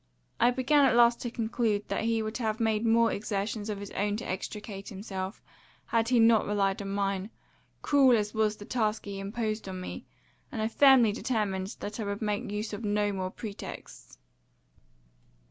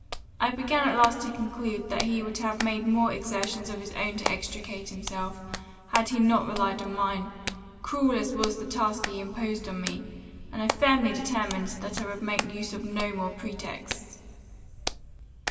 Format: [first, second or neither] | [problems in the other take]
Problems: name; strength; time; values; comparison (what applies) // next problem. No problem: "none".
first | background sound (Hands); 9 dB below the speech // room echo; dies away in 2.6 s